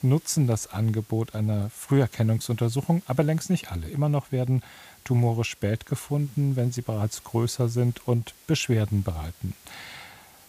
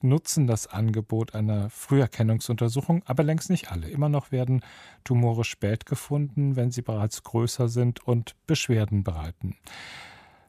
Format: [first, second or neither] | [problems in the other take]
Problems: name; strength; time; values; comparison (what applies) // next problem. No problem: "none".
second | hiss; faint; throughout; 25 dB below the speech